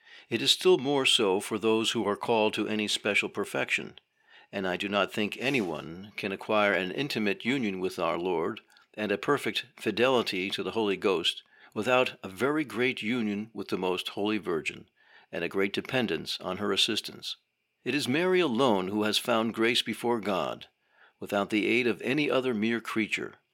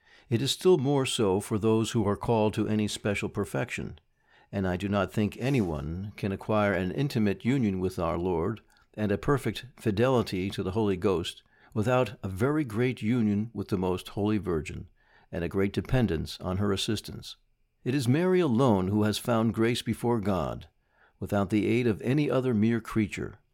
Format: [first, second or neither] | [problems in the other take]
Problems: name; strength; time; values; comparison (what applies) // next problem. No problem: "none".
second | thin; very slightly; fading below 250 Hz